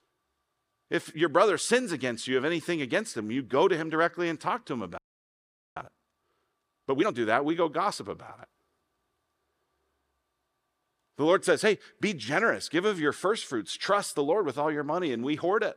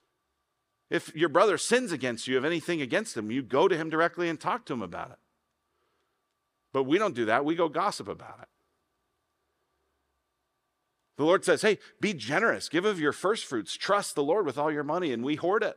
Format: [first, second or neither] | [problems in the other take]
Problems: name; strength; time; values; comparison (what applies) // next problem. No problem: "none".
second | audio freezing; at 5 s for 1 s